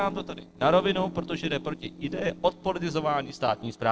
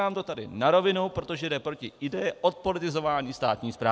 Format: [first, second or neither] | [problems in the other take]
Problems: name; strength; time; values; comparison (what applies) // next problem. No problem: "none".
second | noise reduction (neural separator model SepFormer DNS4)